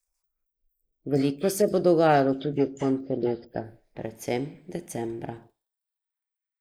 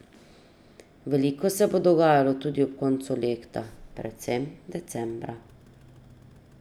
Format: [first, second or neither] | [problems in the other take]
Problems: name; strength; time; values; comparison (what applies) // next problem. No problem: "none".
second | noise reduction (neural mask model Resemble Enhance denoiser)